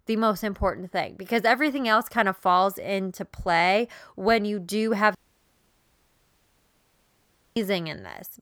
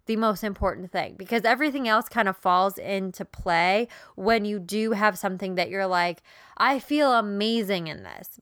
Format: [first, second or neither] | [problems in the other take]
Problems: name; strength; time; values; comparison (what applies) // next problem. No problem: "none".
second | audio cutting out; at 5 s for 2.5 s